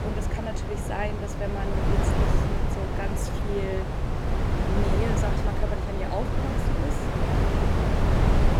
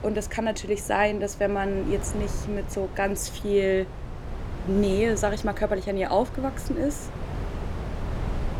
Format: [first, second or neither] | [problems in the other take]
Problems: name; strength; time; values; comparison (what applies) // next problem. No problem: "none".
second | wind noise on the microphone; heavy; 3 dB above the speech; occasional gusts in the second